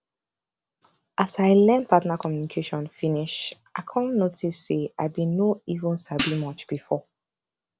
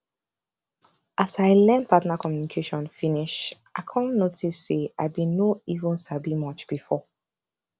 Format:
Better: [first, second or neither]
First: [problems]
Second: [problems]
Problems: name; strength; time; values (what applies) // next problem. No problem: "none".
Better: second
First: background sound (Hi-hat); 8 dB below the speech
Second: none